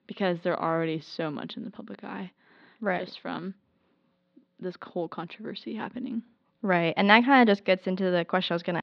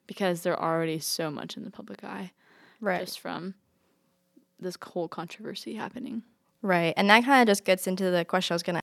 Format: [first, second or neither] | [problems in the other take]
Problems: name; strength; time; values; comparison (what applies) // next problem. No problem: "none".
second | muffled; slightly; fading above 4 kHz